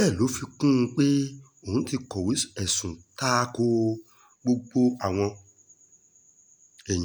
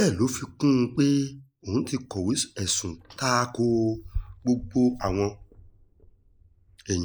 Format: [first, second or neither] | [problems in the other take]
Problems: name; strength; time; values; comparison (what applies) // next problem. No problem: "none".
first | noise reduction (neural mask model Resemble Enhance denoiser)